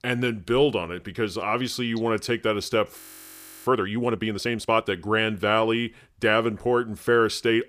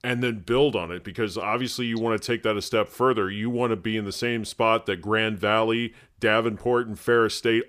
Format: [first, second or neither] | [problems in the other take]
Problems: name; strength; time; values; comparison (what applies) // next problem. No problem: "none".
second | audio freezing; at 3 s for 0.5 s